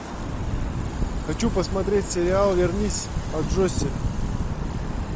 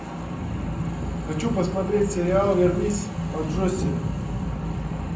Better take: first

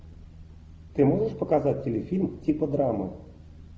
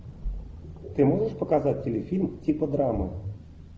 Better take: first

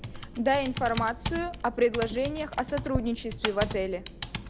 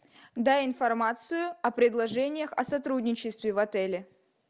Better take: second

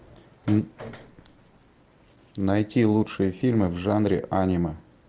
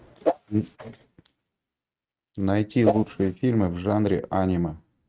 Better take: first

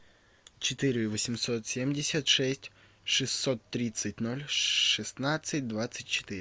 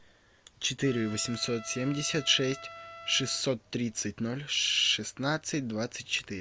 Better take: first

